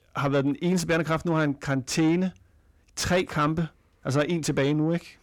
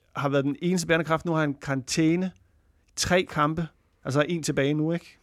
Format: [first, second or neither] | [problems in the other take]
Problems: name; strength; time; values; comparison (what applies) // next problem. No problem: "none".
second | distortion; slight; 10 dB below the speech